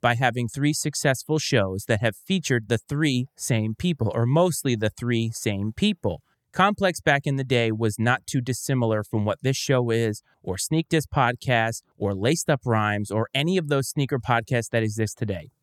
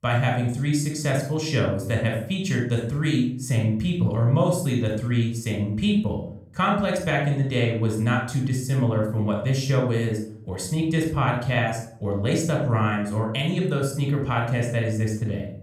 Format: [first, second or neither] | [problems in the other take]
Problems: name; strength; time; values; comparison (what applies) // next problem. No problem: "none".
first | off-mic speech; somewhat distant // room echo; noticeable; dies away in 0.5 s